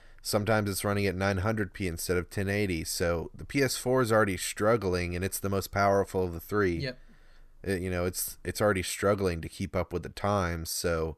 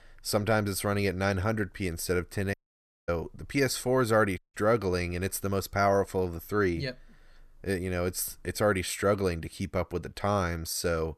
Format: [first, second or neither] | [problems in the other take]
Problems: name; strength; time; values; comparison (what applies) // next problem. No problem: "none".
first | audio cutting out; at 2.5 s for 0.5 s and at 4.5 s